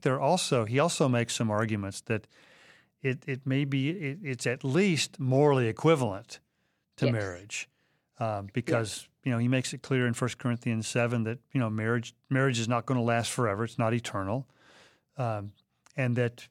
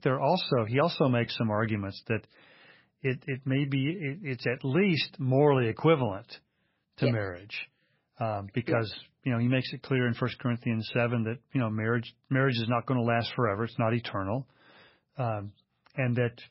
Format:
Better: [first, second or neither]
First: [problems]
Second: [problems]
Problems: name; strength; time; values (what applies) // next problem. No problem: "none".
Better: first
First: none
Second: garbled, watery; badly; nothing above 5.5 kHz